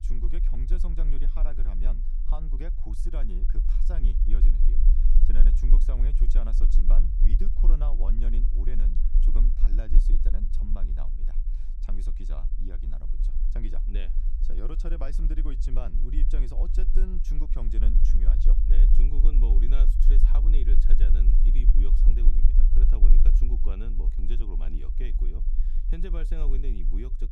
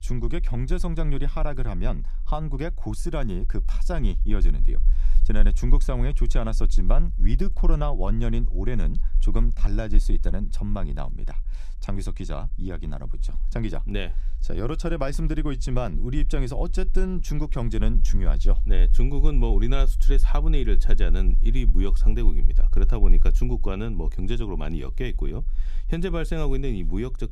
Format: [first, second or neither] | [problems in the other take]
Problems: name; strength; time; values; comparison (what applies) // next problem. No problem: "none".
second | low rumble; loud; throughout; 5 dB below the speech; faint in the second